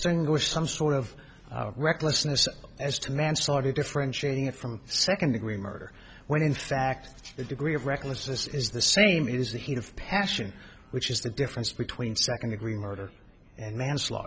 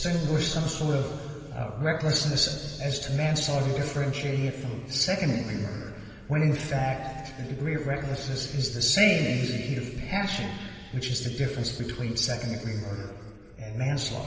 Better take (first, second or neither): first